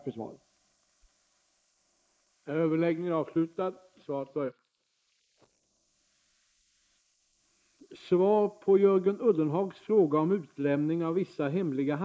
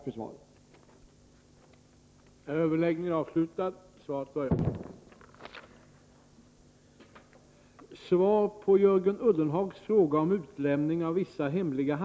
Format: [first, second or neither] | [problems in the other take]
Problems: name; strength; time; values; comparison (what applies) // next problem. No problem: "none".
second | noise reduction (neural mask model Resemble Enhance denoiser)